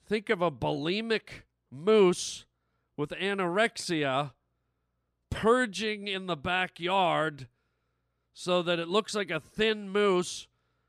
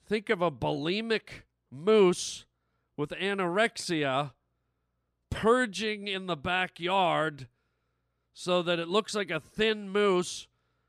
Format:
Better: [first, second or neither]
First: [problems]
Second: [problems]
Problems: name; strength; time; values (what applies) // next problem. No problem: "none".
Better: neither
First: none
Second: none